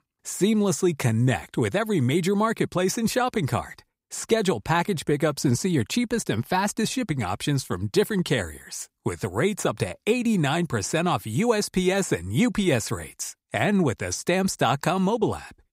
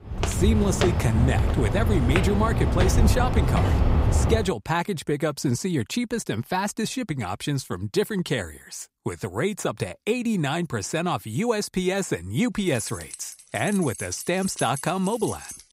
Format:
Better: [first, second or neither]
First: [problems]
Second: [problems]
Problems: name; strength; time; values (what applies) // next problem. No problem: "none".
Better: first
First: none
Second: footsteps; loud; until 4.5 s; peak 5 dB above the speech // jangling keys; noticeable; from 13 s on; peak 7 dB below the speech